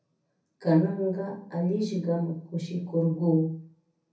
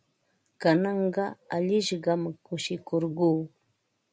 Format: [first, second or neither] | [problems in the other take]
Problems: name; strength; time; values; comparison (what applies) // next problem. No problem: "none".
second | room echo; dies away in 0.6 s